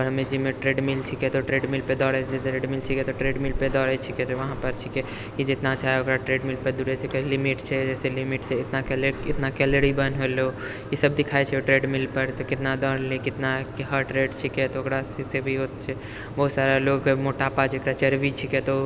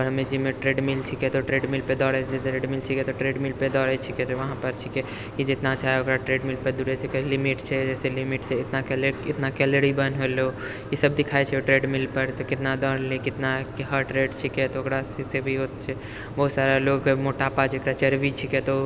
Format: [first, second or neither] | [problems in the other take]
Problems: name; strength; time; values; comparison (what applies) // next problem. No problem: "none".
second | background sound (Chewing, mastication); 15 dB below the speech